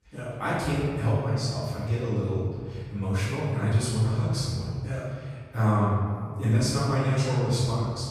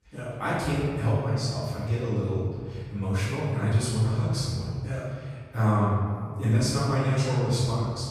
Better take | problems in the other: neither | off-mic speech; far; the same in both // room echo; strong; dies away in 1.7 s; the same in both

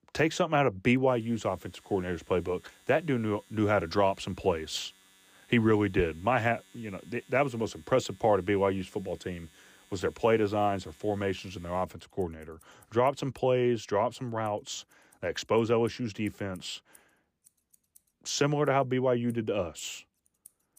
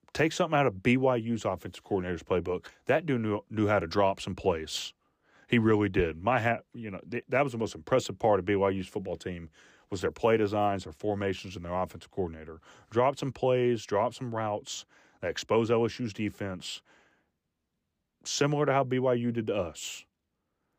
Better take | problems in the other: second | household noises; faint; throughout; 30 dB below the speech

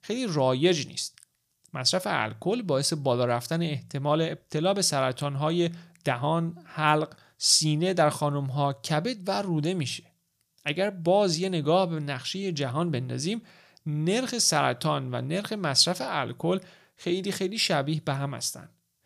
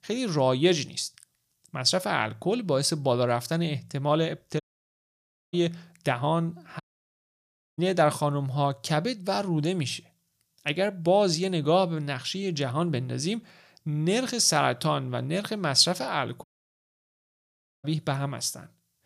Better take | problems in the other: first | audio cutting out; at 4.5 s for 1 s, at 7 s for 1 s and at 16 s for 1.5 s

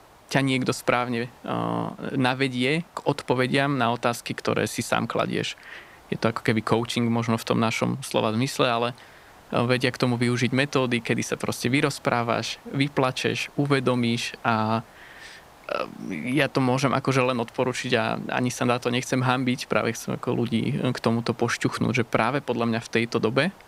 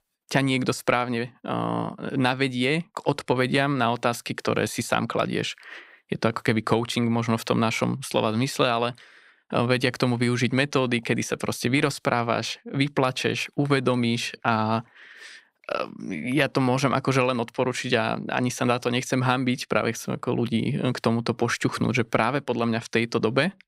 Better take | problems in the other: second | hiss; faint; throughout; 25 dB below the speech

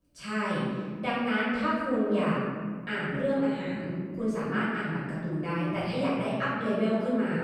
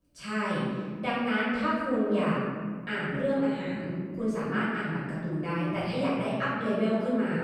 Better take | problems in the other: neither | off-mic speech; far; the same in both // room echo; strong; dies away in 1.6 s; the same in both

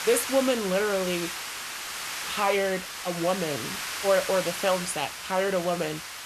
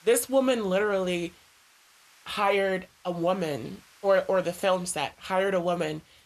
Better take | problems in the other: second | hiss; loud; throughout; 6 dB below the speech; faint in the second

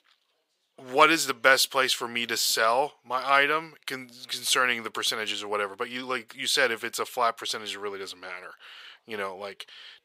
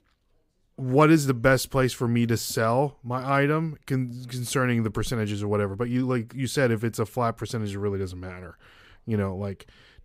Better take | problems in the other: second | thin; very; fading below 700 Hz

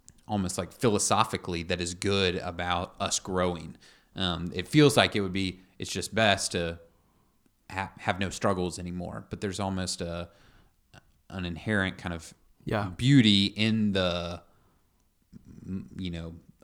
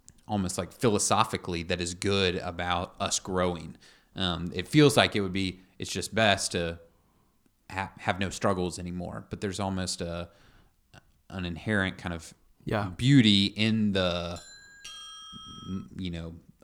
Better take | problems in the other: first | doorbell; faint; from 14 to 16 s; peak 15 dB below the speech

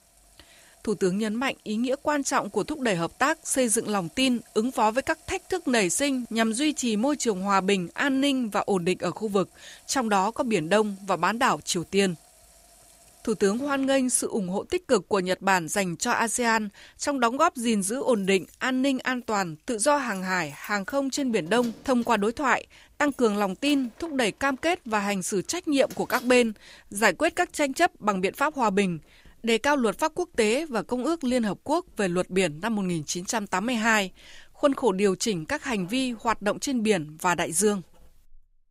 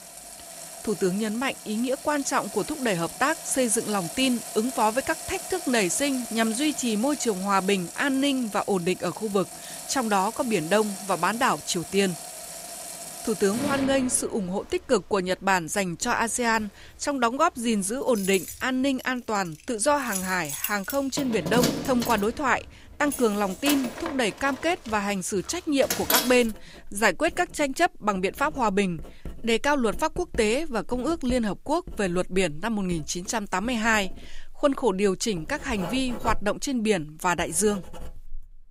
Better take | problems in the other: first | household noises; loud; throughout; 9 dB below the speech; faint in the first

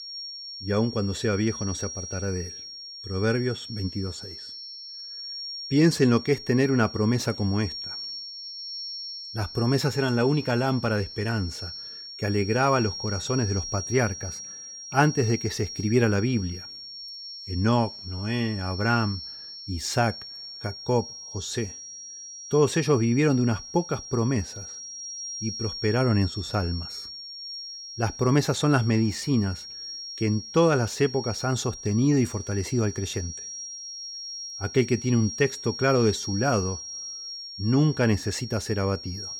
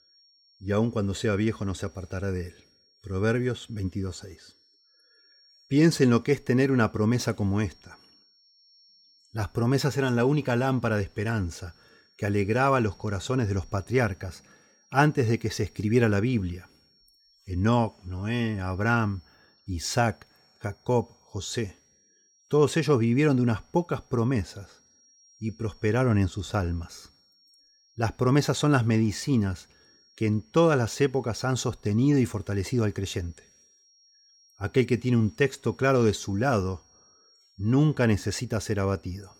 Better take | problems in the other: second | high-pitched whine; loud; throughout; 5.5 kHz, 10 dB below the speech; faint in the second

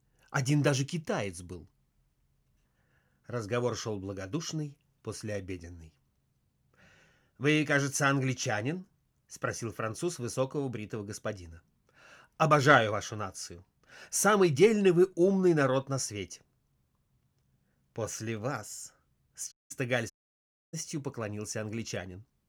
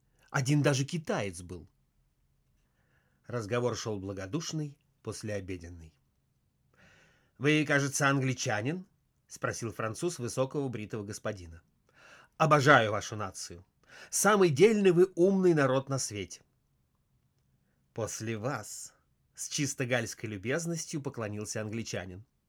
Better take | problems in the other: second | audio cutting out; at 20 s for 0.5 s

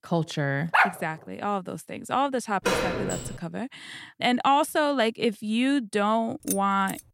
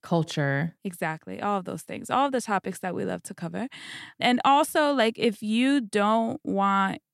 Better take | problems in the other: second | dog barking; loud; at 0.5 s; peak 4 dB above the speech // door banging; loud; at 2.5 s; peak level with the speech // jangling keys; noticeable; at 6.5 s; peak 6 dB below the speech

